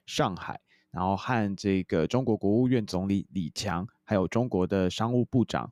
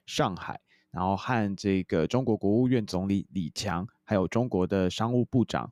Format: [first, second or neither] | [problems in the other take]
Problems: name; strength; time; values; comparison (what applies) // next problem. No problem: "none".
neither | none